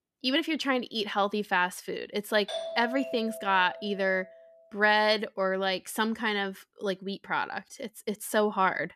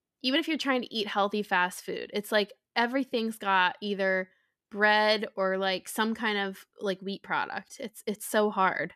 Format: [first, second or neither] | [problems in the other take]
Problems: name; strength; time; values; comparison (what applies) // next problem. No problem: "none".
second | doorbell; noticeable; from 2.5 to 4.5 s; peak 7 dB below the speech